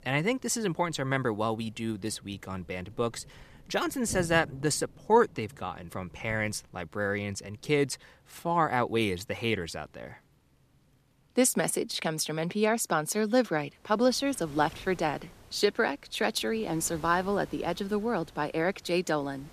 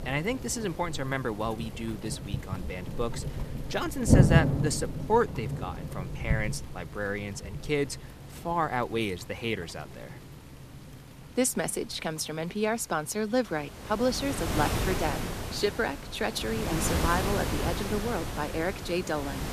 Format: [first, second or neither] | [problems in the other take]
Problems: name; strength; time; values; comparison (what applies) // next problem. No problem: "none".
first | rain or running water; loud; throughout; 1 dB below the speech; faint in the first